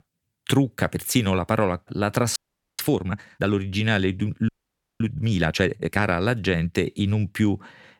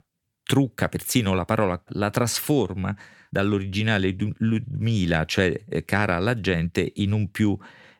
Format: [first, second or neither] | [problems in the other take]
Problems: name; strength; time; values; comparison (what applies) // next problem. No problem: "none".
second | audio freezing; at 2.5 s and at 4.5 s for 0.5 s